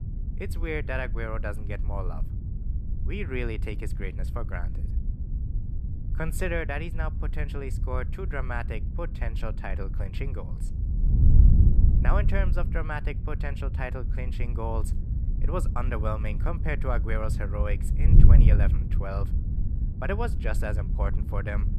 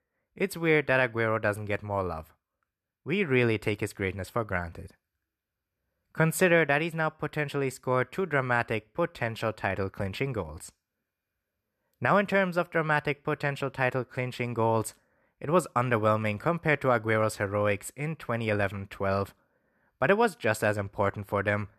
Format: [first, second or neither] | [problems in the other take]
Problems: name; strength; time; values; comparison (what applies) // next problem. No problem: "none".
second | wind noise on the microphone; heavy; 8 dB below the speech